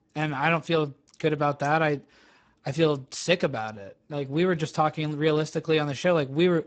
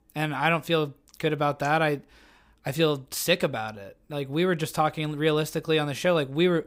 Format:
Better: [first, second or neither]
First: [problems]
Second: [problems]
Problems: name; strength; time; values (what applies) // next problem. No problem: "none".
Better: second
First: garbled, watery; badly; nothing above 8 kHz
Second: none